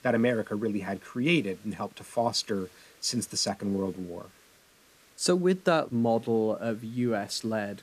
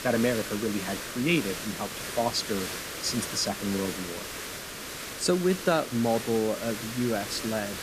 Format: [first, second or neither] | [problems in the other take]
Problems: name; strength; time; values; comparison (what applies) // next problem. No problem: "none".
first | hiss; loud; throughout; 6 dB below the speech; faint in the first